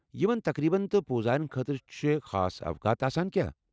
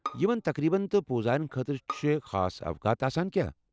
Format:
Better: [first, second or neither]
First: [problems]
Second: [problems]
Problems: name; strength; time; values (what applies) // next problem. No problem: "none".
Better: first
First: none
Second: background sound (Bowed string instrument); 17 dB below the speech